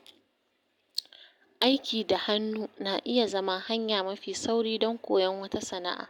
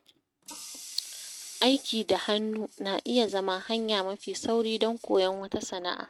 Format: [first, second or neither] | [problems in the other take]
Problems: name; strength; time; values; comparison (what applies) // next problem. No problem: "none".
first | noise reduction (neural mask model RNNoise)